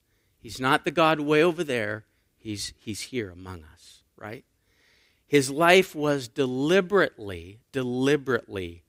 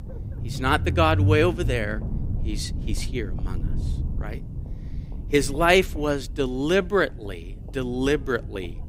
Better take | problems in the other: first | low rumble; noticeable; throughout; 20 dB below the speech

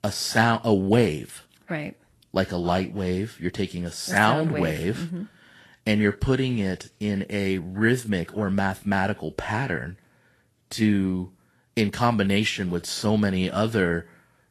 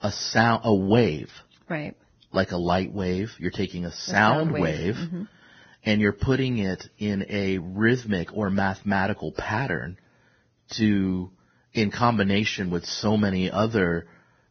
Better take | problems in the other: first | garbled, watery; badly; nothing above 6 kHz; slightly in the first

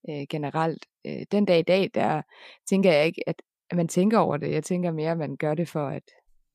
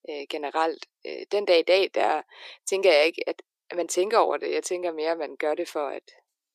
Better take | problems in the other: first | thin; very; fading below 350 Hz

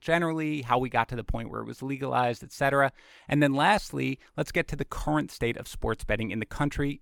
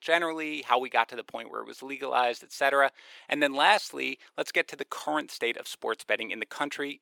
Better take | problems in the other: first | thin; somewhat; fading below 400 Hz

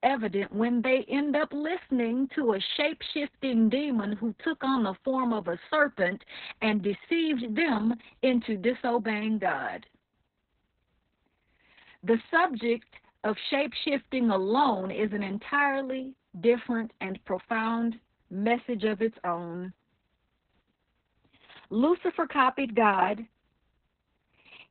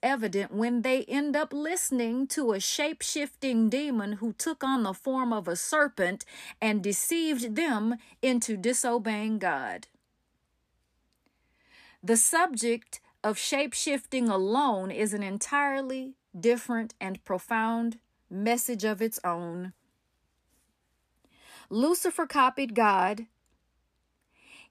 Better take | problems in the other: second | garbled, watery; badly; nothing above 4 kHz

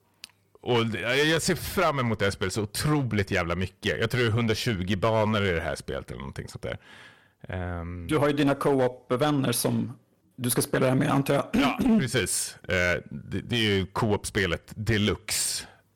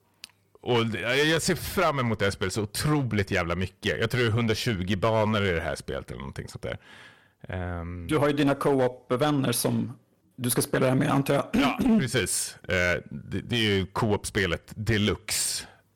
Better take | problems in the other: neither | distortion; slight; 7% of the sound clipped; the same in both

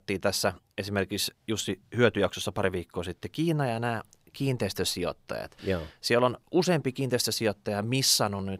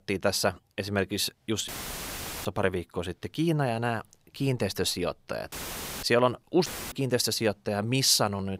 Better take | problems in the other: first | audio cutting out; filled with static; at 1.5 s for 1 s, at 5.5 s for 0.5 s and at 6.5 s

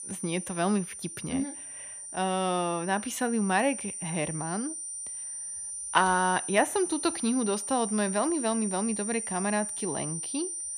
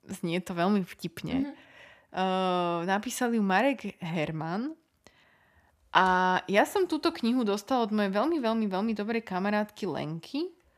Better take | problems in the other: second | high-pitched whine; loud; throughout; 9 kHz, 5 dB below the speech

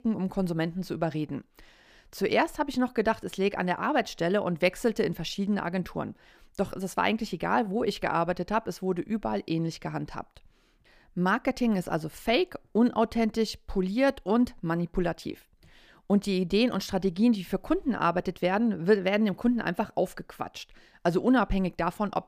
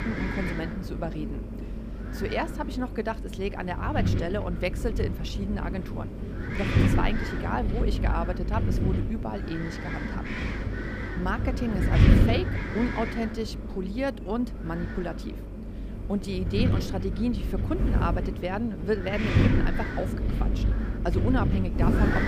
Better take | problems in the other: first | wind noise on the microphone; heavy; 2 dB below the speech

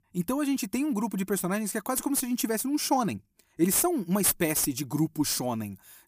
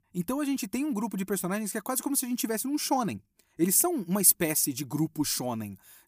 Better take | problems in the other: second | distortion; slight; 10 dB below the speech

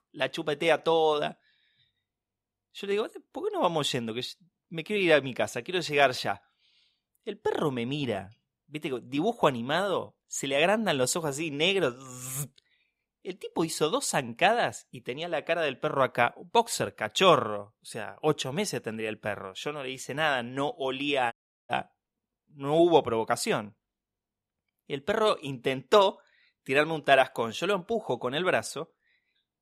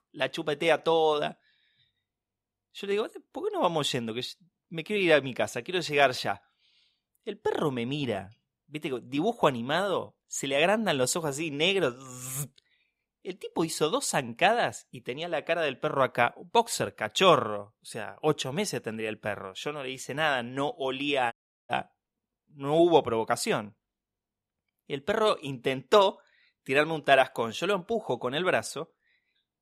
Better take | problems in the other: neither | audio cutting out; at 21 s; the same in both

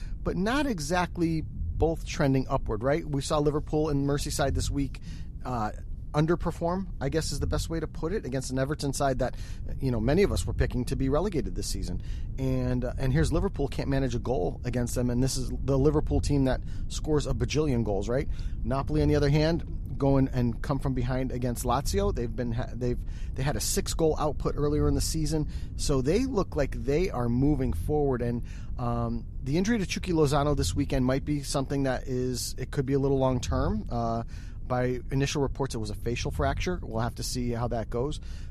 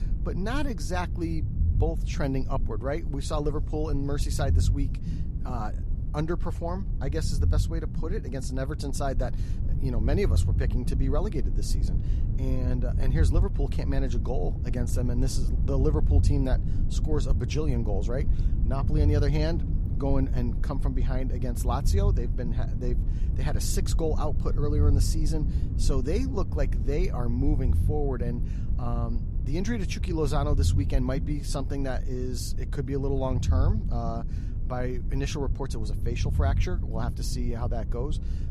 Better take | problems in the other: first | low rumble; loud; throughout; 9 dB below the speech; faint in the first

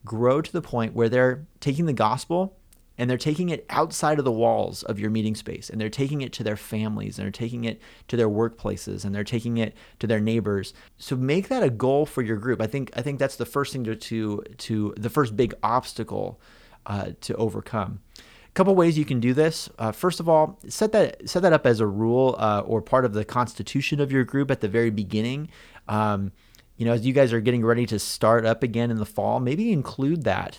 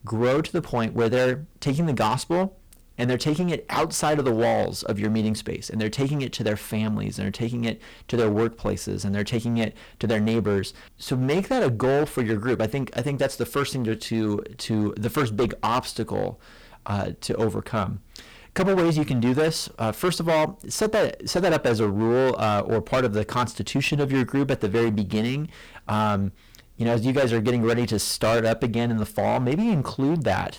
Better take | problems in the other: first | distortion; heavy; 14% of the sound clipped

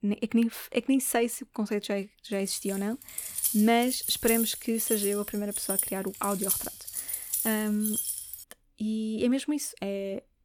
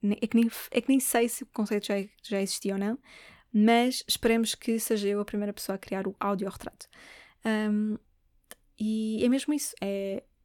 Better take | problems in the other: second | jangling keys; loud; from 2.5 to 8.5 s; peak 1 dB above the speech

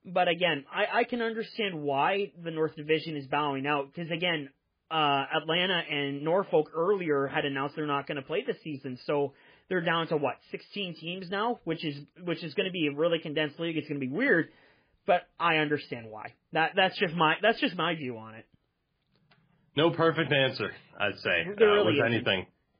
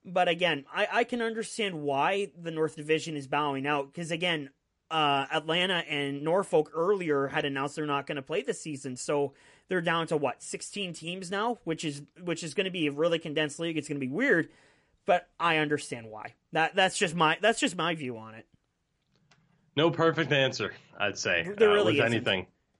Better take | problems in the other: second | garbled, watery; badly; nothing above 5 kHz; slightly in the second

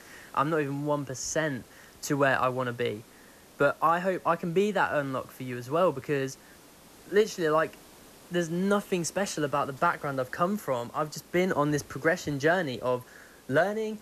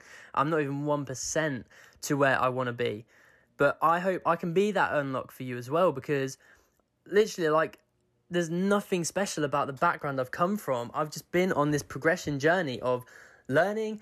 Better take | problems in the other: second | hiss; faint; throughout; 25 dB below the speech

